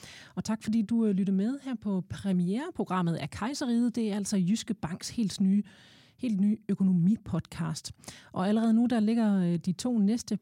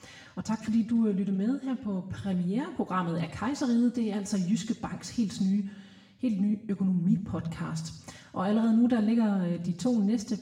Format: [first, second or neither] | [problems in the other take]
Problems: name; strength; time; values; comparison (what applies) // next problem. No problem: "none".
first | room echo; slight; dies away in 0.7 s // off-mic speech; far